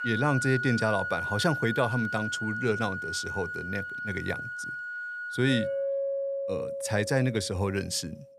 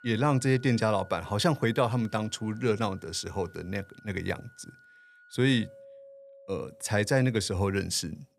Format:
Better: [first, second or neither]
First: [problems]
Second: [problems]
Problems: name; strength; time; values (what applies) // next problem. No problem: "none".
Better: second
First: background music; loud; throughout; 3 dB below the speech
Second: background music; faint; throughout; 25 dB below the speech